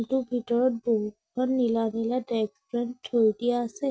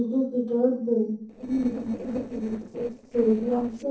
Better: first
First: none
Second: noise reduction (neural separator model SepFormer DNS4)

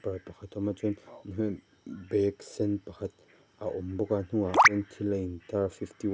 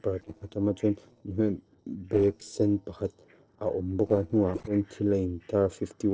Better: first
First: none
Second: noise reduction (neural separator model SepFormer DNS4)

